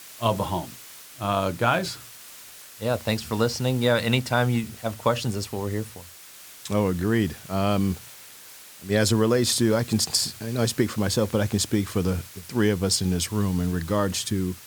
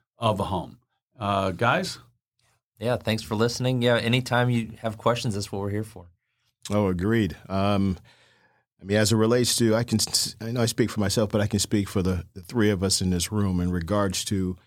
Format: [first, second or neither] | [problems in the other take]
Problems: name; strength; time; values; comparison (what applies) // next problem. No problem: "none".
second | hiss; noticeable; throughout; 15 dB below the speech